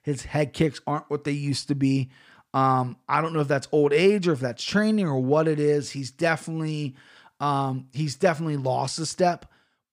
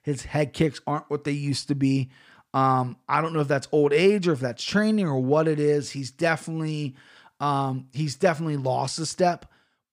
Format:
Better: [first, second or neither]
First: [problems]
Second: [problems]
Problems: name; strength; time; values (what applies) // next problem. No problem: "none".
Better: neither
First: none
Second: none